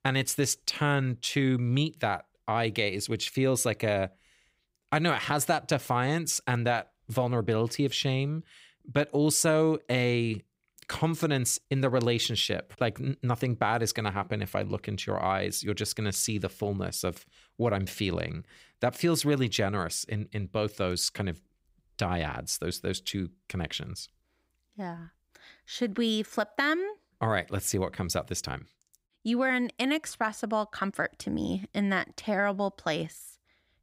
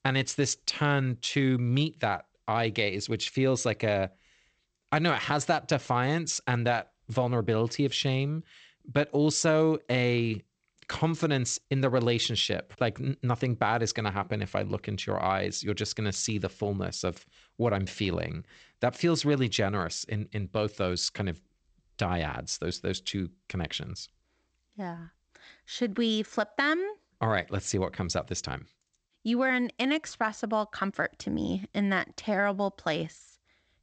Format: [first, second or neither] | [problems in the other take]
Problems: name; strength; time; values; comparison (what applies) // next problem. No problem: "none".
first | garbled, watery; slightly; nothing above 8 kHz